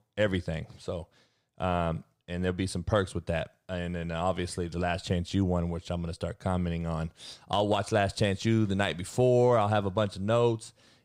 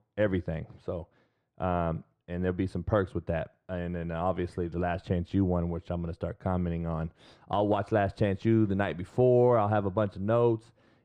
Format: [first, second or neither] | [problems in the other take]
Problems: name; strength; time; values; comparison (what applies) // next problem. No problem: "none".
first | muffled; very; fading above 3 kHz